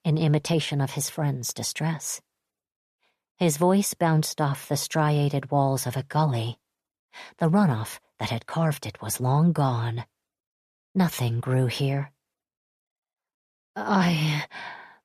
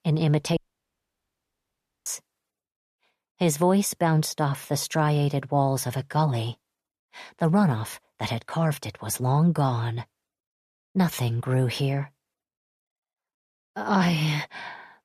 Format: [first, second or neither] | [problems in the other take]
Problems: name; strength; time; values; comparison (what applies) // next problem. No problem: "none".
first | audio cutting out; at 0.5 s for 1.5 s